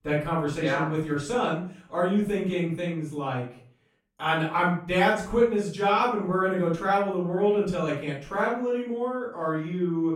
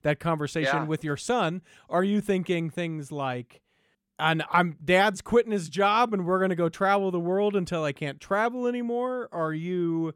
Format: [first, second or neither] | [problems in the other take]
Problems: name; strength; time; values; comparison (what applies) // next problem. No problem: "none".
second | off-mic speech; far // room echo; noticeable; dies away in 0.4 s